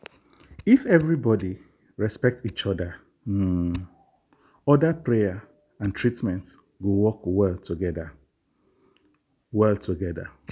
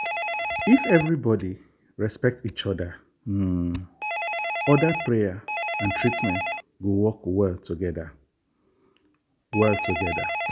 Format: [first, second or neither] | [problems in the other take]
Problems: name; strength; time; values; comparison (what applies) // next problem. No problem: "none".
first | background sound (Telephone); 6 dB below the speech